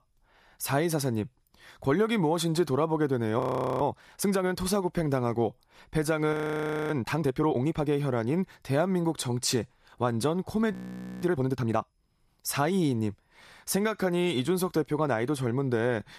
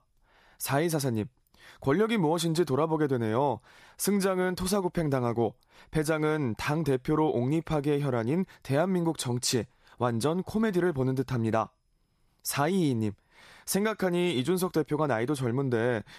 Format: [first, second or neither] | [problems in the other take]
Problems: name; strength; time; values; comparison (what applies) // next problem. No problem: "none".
second | audio freezing; at 3.5 s, at 6.5 s for 0.5 s and at 11 s